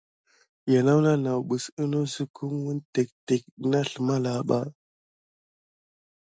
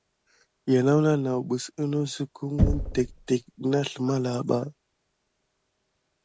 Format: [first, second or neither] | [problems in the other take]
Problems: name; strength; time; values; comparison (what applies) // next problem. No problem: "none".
first | background sound (Knock); 7 dB below the speech